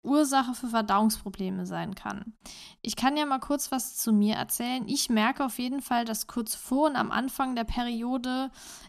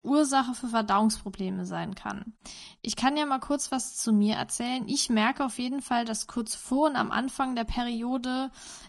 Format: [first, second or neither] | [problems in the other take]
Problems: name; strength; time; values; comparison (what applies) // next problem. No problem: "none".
first | garbled, watery; slightly; nothing above 10.5 kHz